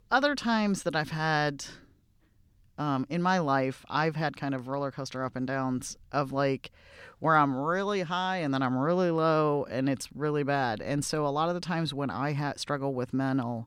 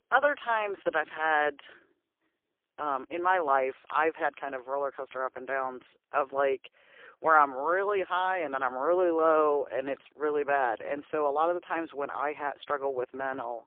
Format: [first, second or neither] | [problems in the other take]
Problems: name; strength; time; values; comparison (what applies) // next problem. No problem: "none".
first | phone-call audio; poor line; nothing above 3.5 kHz